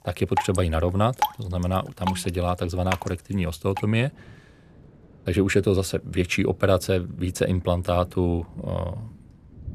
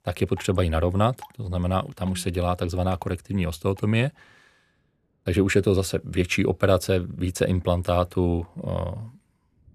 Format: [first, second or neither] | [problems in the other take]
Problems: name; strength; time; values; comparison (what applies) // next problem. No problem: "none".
second | rain or running water; loud; throughout; 9 dB below the speech; faint in the second